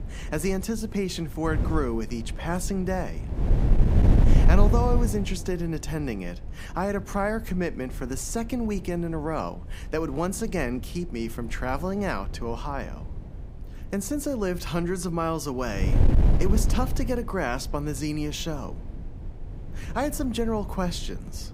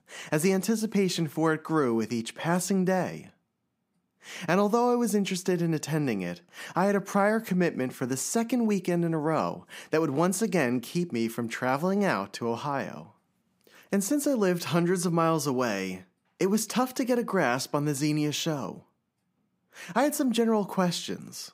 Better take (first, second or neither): second